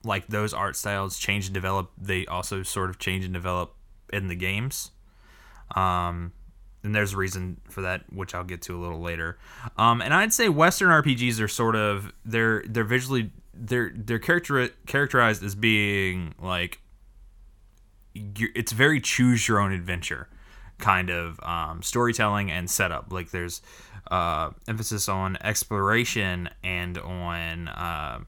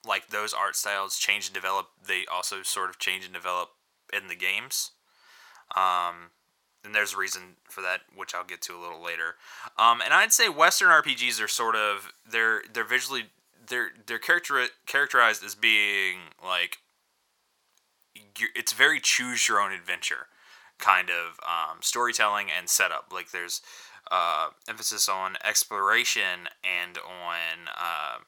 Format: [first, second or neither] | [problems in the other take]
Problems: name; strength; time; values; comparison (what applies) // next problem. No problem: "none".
first | thin; very; fading below 700 Hz